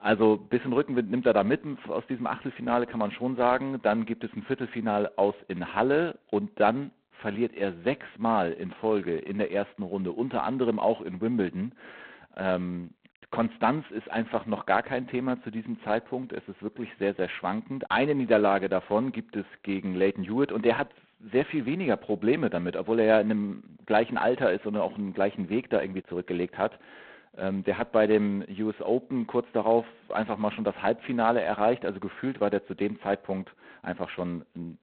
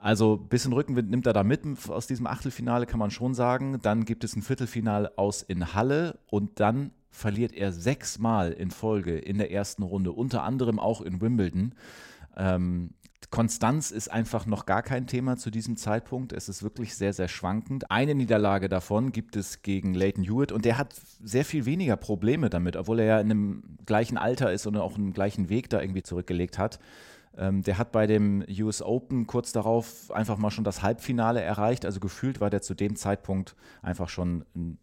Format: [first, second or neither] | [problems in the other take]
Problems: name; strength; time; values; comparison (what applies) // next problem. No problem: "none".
second | phone-call audio; poor line; nothing above 4 kHz